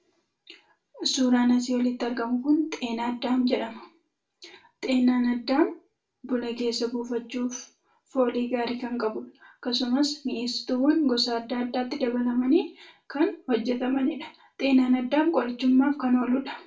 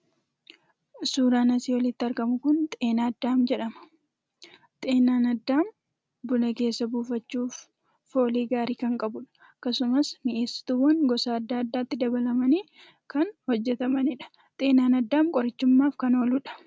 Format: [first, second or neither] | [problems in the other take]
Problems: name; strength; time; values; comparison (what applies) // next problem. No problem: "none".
second | room echo; dies away in 0.3 s